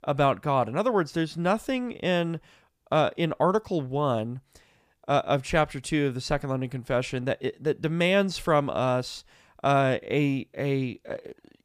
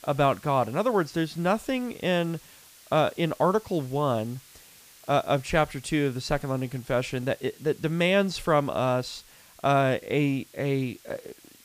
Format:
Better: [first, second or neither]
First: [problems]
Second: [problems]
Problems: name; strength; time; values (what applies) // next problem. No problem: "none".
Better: first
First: none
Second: hiss; faint; throughout; 25 dB below the speech